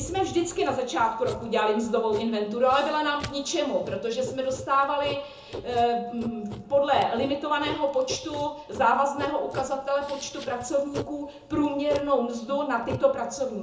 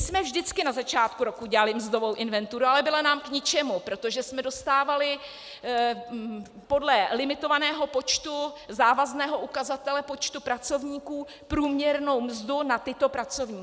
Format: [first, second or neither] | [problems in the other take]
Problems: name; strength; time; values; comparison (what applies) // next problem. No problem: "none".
second | background sound (Writing); 15 dB below the speech // room echo; dies away in 0.6 s